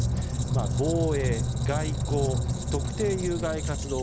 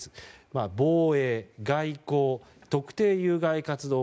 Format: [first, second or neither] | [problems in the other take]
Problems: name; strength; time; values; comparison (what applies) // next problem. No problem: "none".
second | background sound (Squeak); 3 dB above the speech